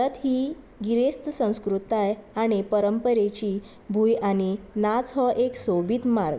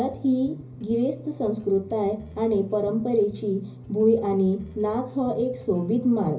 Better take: first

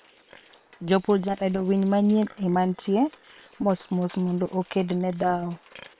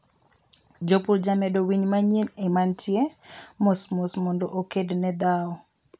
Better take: second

